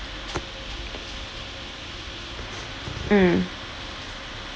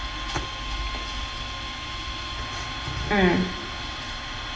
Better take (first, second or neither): first